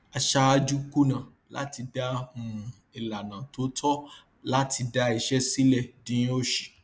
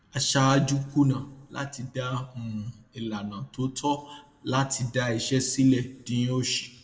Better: first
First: none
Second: room echo; dies away in 0.7 s

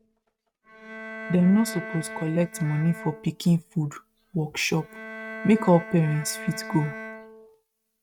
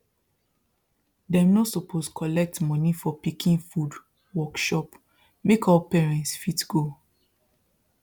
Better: second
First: noise reduction (neural mask model RNNoise)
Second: none

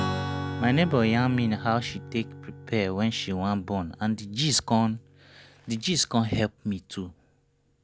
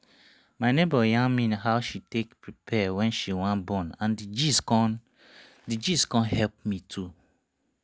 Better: second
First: background sound (Strum); 10 dB below the speech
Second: none

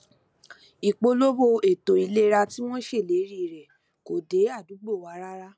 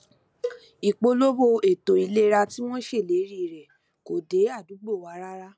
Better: first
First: none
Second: background sound (Cowbell); 14 dB below the speech

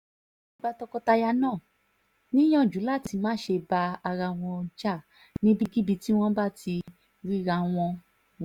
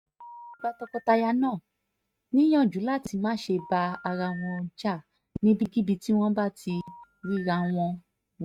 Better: first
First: none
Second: noise reduction (neural mask model RNNoise)

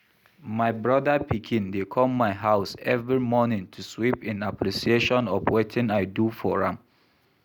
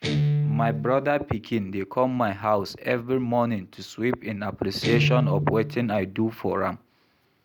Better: first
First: none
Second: background sound (Guitar); 4 dB below the speech

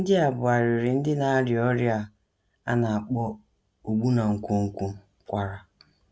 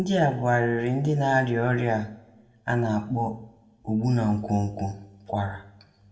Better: first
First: none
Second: room echo; dies away in 0.6 s

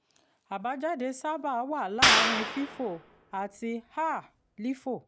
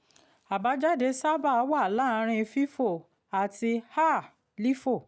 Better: second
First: background sound (Clapping); 4 dB above the speech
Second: none

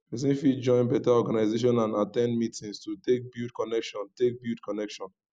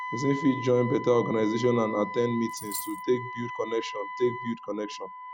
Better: first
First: none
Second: background sound (Wind instrument, woodwind instrument + Coin (dropping)); 9 dB below the speech

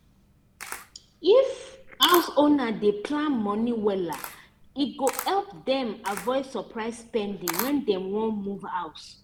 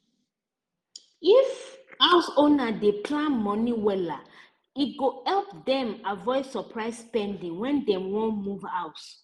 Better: second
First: background sound (Camera); 14 dB below the speech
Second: none

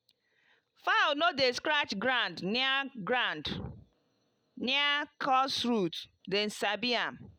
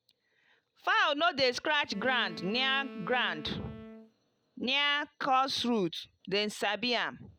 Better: first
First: none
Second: background sound (Wind instrument, woodwind instrument); 15 dB below the speech

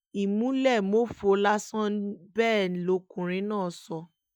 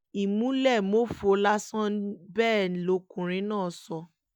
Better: second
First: noise reduction (neural mask model DeepFilterNet 3)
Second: none

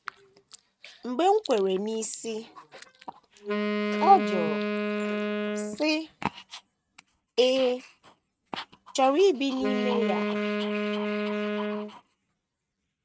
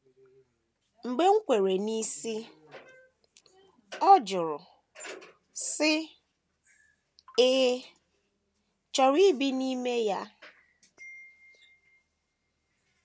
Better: second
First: noise reduction (neural mask model RNNoise)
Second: none

